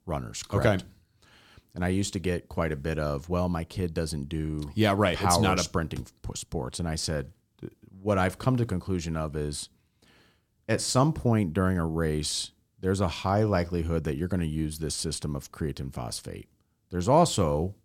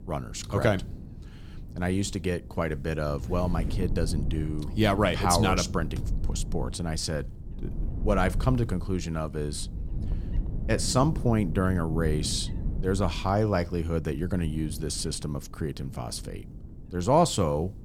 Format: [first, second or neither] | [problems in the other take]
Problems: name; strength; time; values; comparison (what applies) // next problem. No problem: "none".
first | wind noise on the microphone; occasional gusts; 20 dB below the speech